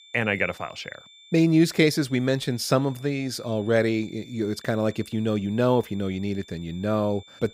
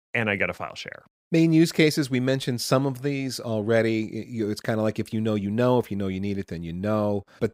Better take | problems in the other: second | high-pitched whine; faint; throughout; 3.5 kHz, 25 dB below the speech

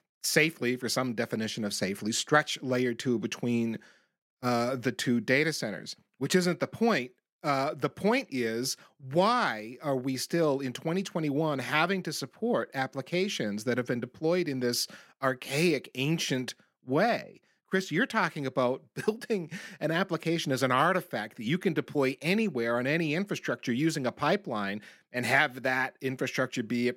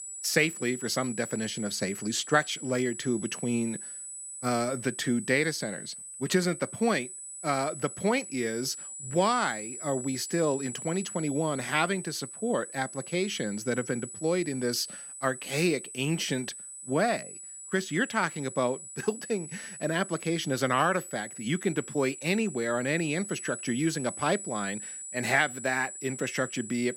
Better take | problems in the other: first | high-pitched whine; loud; throughout; 8 kHz, 9 dB below the speech

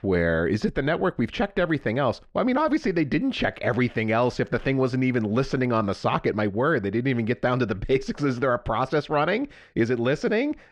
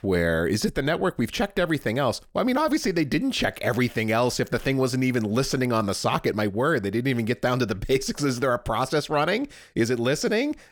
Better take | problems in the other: second | muffled; slightly; fading above 3 kHz

